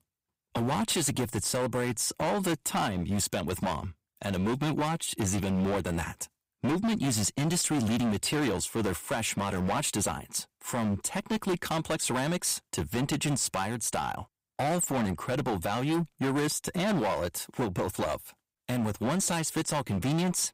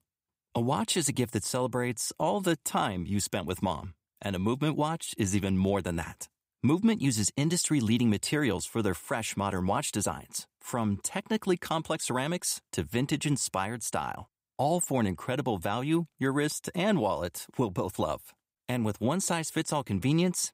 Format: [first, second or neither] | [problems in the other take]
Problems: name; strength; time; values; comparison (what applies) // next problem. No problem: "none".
second | distortion; heavy; 18% of the sound clipped